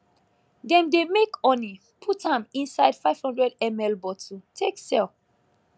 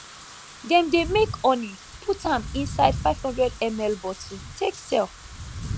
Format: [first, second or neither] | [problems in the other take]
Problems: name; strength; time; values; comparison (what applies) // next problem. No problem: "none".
first | background sound (Wind / Rain); 11 dB below the speech